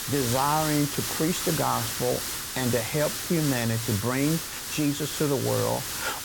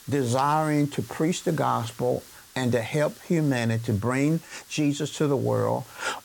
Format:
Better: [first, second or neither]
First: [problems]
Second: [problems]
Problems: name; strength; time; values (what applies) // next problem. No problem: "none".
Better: second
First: hiss; loud; throughout; 3 dB below the speech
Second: hiss; faint; throughout; 20 dB below the speech